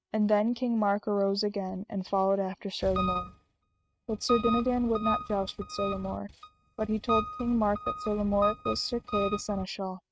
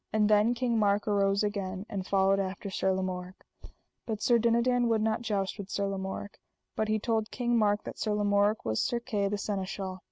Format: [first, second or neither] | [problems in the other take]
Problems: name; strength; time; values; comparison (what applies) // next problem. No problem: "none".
second | noise reduction (neural mask model RNNoise)